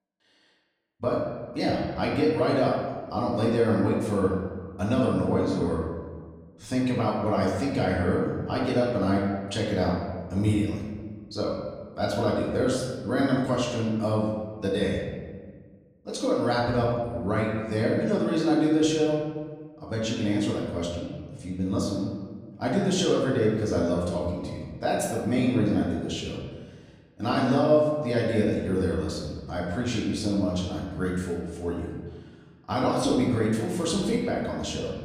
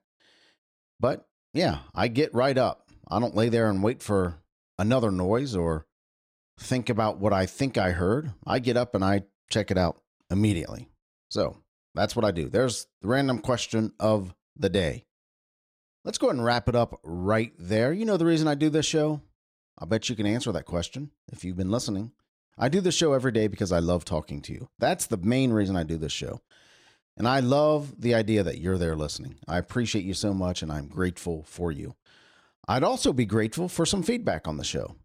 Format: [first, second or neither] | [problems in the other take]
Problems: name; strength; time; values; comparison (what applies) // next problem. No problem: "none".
second | room echo; noticeable; dies away in 1.3 s // off-mic speech; far